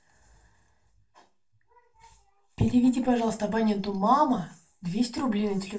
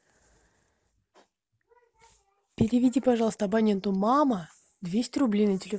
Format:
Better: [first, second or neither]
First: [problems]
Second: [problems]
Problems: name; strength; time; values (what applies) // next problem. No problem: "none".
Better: second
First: room echo; dies away in 0.2 s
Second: none